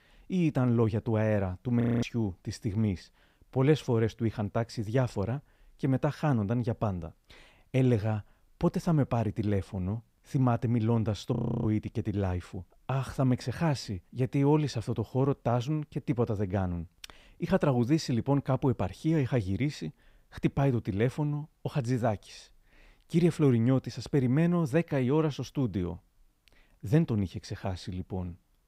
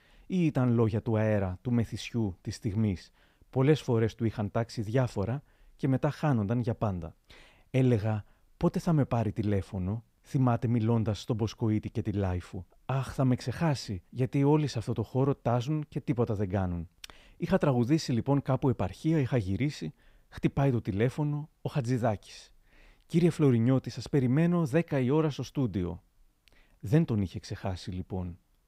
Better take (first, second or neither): second